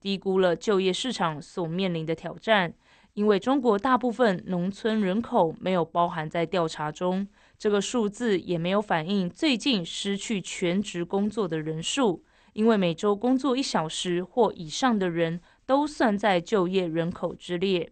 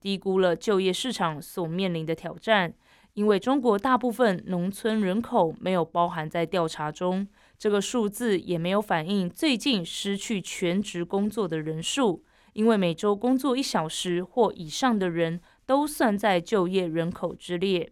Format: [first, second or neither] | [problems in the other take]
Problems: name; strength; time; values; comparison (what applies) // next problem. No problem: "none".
second | garbled, watery; slightly; nothing above 8.5 kHz